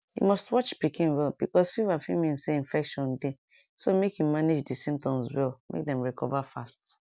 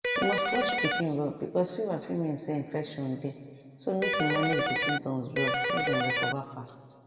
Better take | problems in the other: first | background sound (Electric guitar); 3 dB above the speech // room echo; dies away in 2 s

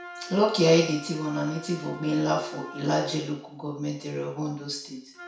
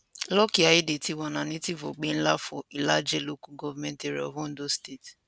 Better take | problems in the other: second | background sound (Wind instrument, woodwind instrument); 16 dB below the speech // room echo; dies away in 0.6 s

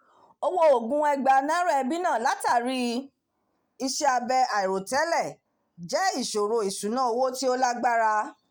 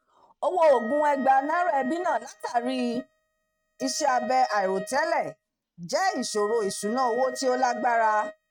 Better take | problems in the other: first | noise reduction (neural mask model RNNoise)

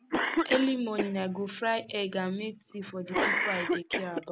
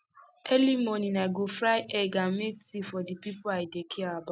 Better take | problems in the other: second | background sound (Cough); 1 dB below the speech

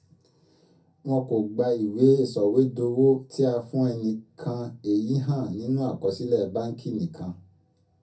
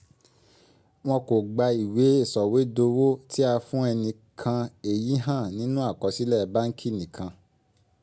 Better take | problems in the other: second | room echo; dies away in 0.3 s

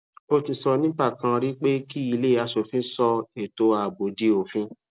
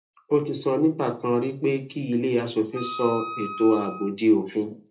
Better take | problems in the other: first | background sound (Wind instrument, woodwind instrument); 12 dB below the speech // room echo; dies away in 0.3 s

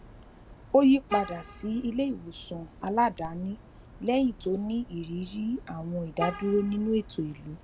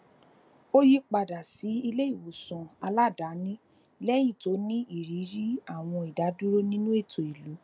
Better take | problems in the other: second | background sound (Vehicle horn, car horn, honking); 14 dB below the speech

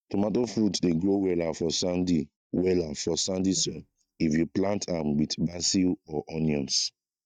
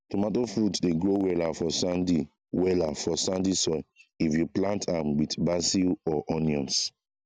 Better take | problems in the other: second | noise reduction (neural mask model DeepFilterNet 3)

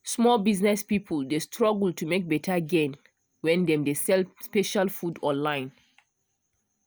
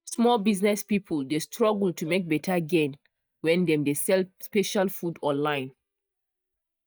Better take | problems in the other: first | noise reduction (neural mask model DeepFilterNet 3)

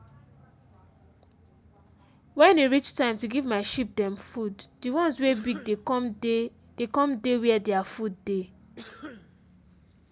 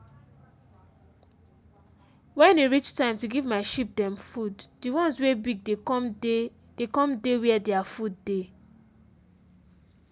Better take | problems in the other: second | background sound (Cough); 20 dB below the speech

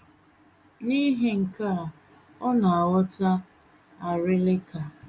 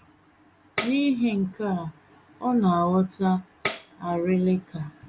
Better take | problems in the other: first | background sound (Tambourine); 12 dB below the speech

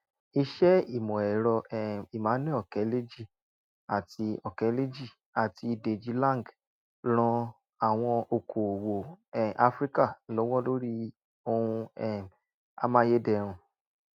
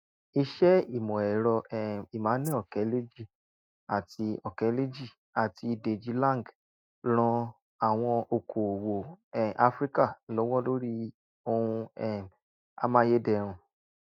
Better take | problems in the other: first | noise reduction (neural mask model DeepFilterNet 3)

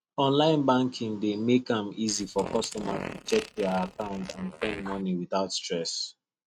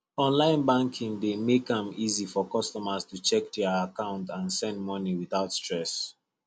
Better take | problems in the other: second | noise reduction (neural mask model RNNoise)

